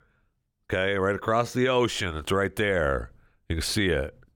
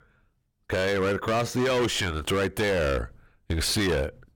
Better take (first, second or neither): first